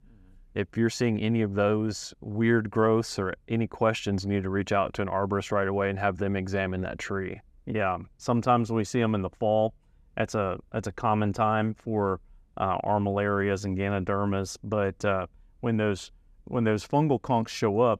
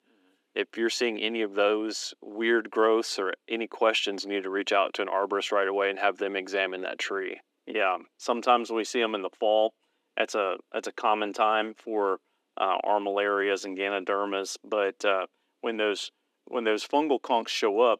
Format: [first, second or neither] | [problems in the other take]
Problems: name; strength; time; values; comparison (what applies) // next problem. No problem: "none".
first | thin; somewhat; fading below 300 Hz